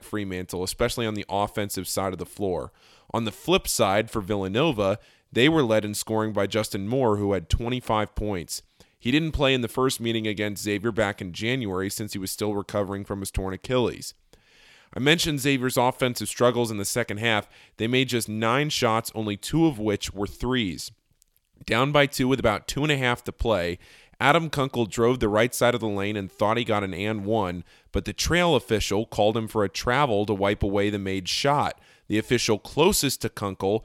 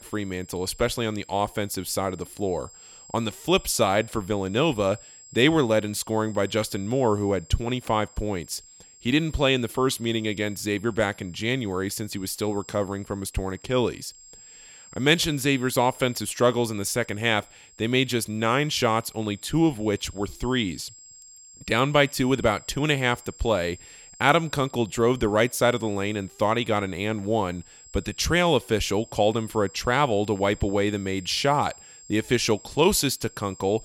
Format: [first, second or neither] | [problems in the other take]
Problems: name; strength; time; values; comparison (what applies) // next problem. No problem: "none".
first | high-pitched whine; faint; throughout; 7.5 kHz, 20 dB below the speech